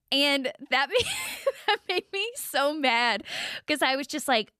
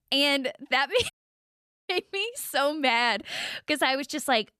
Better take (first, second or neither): first